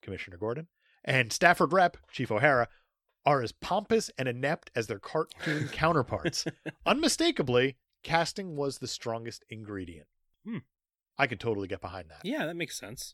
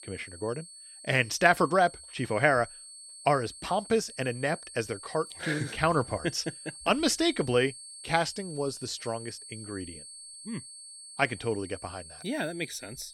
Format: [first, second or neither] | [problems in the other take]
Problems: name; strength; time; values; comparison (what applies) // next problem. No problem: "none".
first | high-pitched whine; noticeable; throughout; 8.5 kHz, 15 dB below the speech